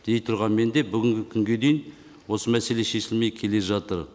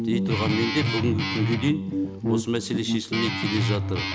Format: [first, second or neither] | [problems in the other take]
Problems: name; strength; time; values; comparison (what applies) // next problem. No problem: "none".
first | background sound (Guitar); 1 dB above the speech